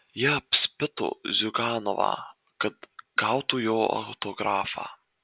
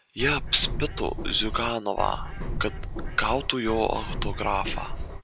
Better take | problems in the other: first | background sound (Bird); 3 dB below the speech

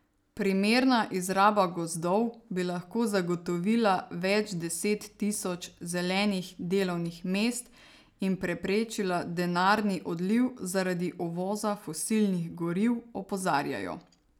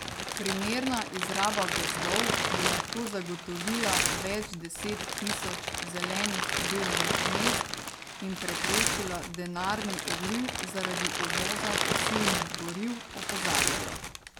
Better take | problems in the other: first | background sound (Crumpling, crinkling); 4 dB above the speech

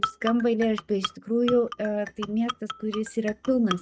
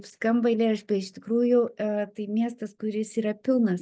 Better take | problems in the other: second | noise reduction (neural mask model RNNoise)

